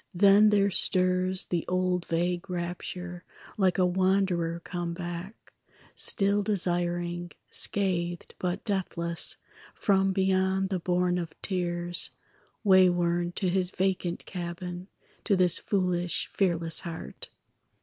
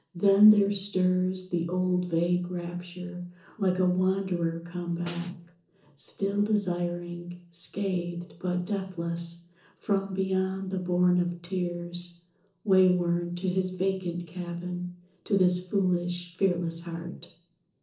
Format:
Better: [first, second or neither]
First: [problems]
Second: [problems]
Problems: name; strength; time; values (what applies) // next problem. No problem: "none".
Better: first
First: none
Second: noise reduction (neural separator model SepFormer DNS4)